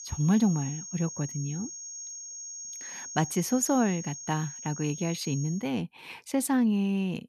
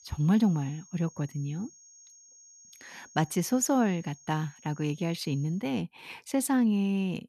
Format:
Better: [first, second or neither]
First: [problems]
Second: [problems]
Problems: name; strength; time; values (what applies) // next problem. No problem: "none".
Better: second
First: high-pitched whine; loud; until 5.5 s; 6.5 kHz, 9 dB below the speech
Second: high-pitched whine; faint; until 5.5 s; 6.5 kHz, 25 dB below the speech